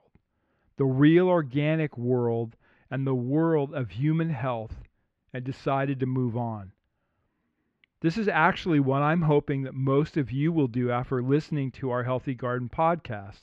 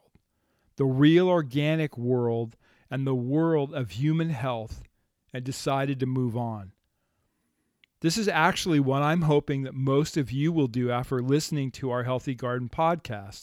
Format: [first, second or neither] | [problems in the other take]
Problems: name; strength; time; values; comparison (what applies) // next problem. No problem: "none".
second | muffled; slightly; fading above 2 kHz